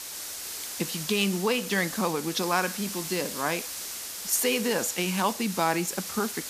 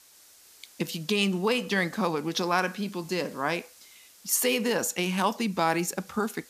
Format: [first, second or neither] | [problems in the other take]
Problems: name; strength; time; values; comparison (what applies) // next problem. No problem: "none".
second | hiss; loud; throughout; 6 dB below the speech; faint in the second